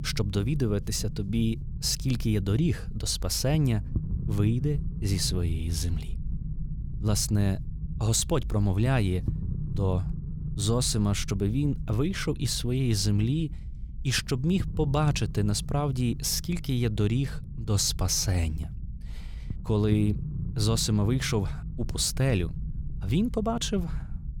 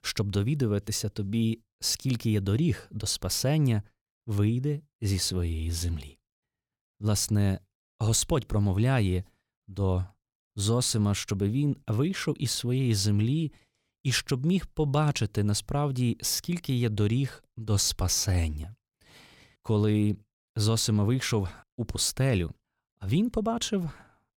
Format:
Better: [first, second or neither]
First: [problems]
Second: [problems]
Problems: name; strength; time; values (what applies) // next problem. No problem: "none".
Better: second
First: low rumble; noticeable; throughout; 15 dB below the speech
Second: none